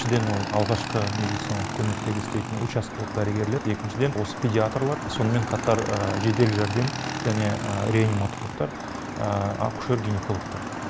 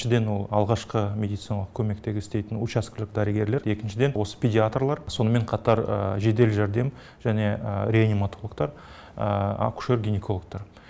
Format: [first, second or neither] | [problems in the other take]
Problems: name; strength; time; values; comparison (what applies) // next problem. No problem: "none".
second | background sound (Motorcycle / Engine); 6 dB below the speech